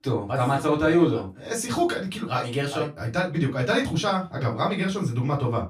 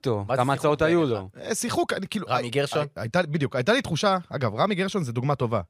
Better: second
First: off-mic speech; far // room echo; very slight; dies away in 0.2 s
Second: none

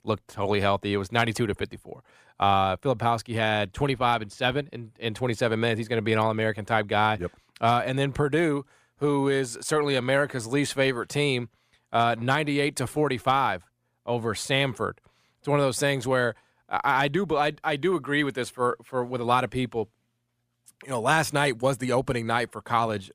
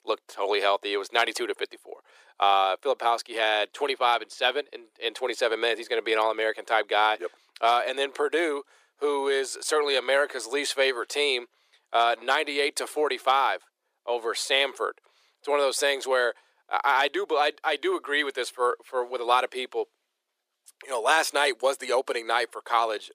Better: first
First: none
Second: thin; very; fading below 350 Hz

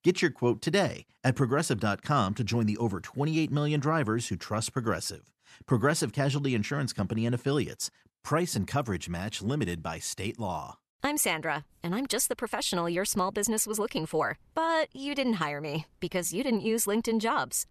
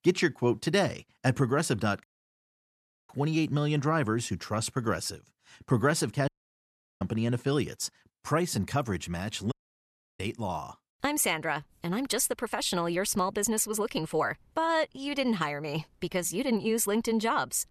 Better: first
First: none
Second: audio cutting out; at 2 s for 1 s, at 6.5 s for 0.5 s and at 9.5 s for 0.5 s

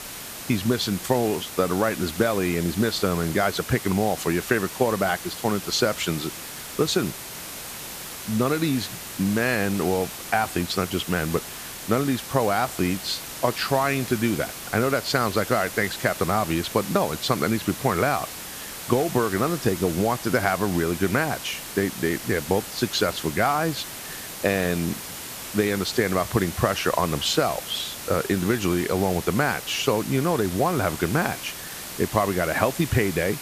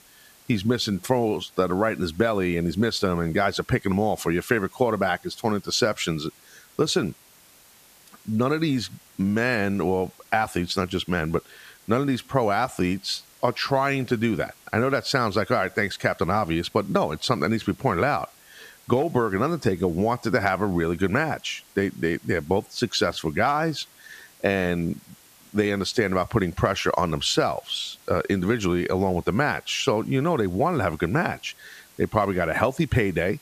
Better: second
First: hiss; loud; throughout; 9 dB below the speech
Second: hiss; faint; throughout; 25 dB below the speech

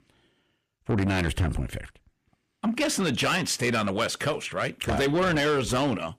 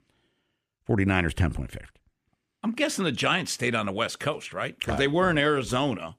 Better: second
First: distortion; heavy; 8 dB below the speech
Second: none

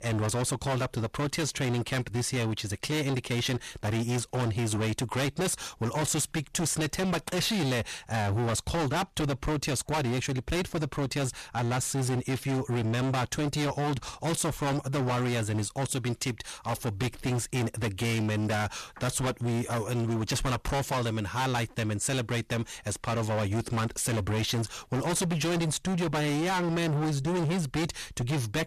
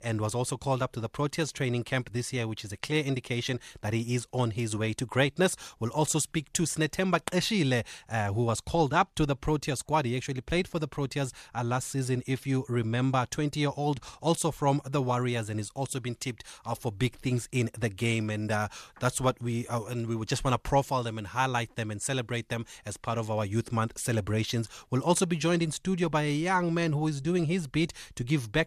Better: second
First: distortion; heavy; 32% of the sound clipped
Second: none

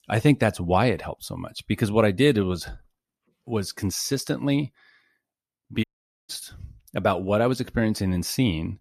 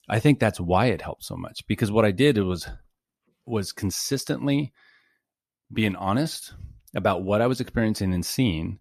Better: second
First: audio cutting out; at 6 s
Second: none

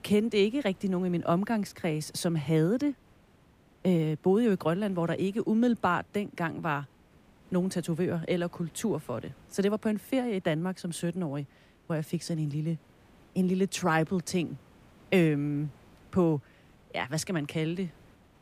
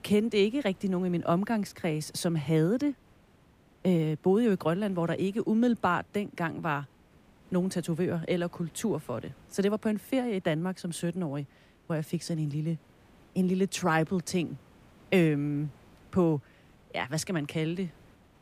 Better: neither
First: hiss; faint; throughout; 30 dB below the speech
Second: hiss; faint; throughout; 30 dB below the speech

